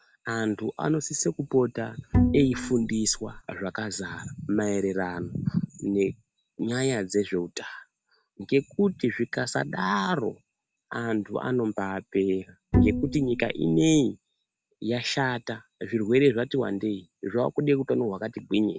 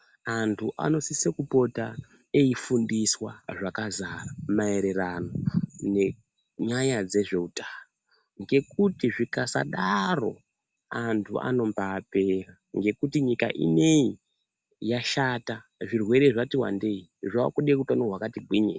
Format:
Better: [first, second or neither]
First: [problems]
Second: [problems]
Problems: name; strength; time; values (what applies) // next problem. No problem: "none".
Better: second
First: background sound (Bowed string instrument); as loud as the speech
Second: none